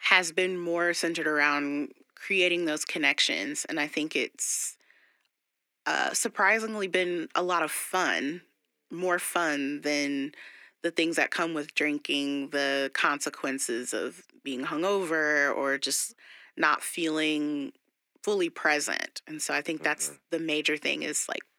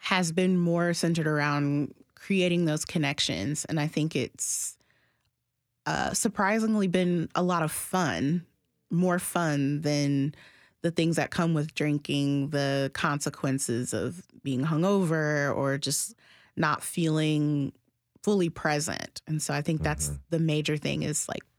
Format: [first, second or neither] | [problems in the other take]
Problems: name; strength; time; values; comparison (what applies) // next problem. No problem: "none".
second | thin; somewhat; fading below 300 Hz